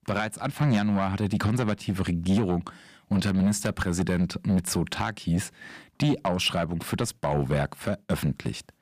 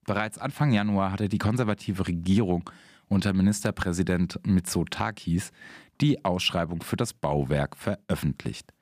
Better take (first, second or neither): second